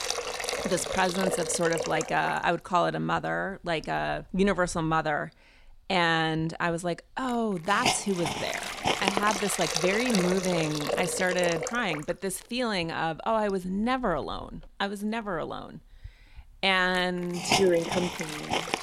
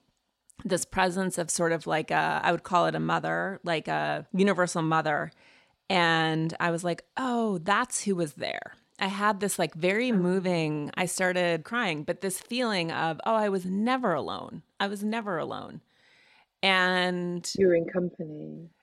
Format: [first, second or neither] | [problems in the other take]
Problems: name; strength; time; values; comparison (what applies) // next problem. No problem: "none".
second | hiss; loud; throughout; 3 dB below the speech